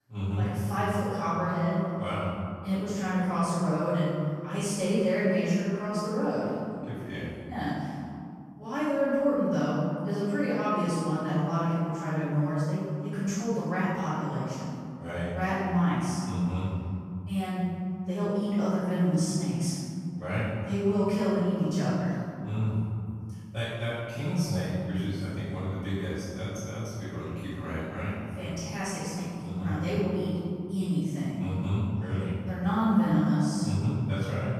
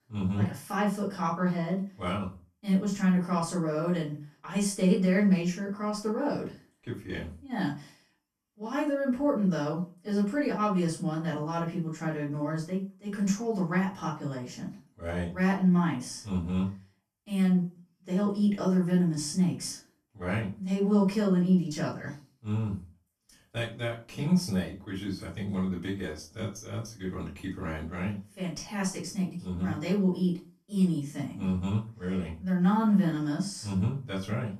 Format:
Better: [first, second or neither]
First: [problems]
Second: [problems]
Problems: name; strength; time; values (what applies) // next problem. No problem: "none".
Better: second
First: room echo; strong; dies away in 2.5 s // off-mic speech; far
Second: room echo; slight; dies away in 0.3 s // off-mic speech; far